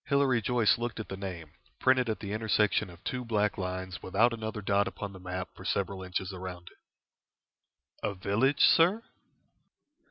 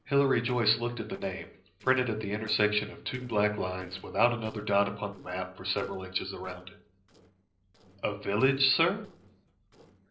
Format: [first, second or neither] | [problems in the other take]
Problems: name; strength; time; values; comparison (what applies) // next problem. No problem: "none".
first | noise reduction (neural separator model SepFormer DNS4)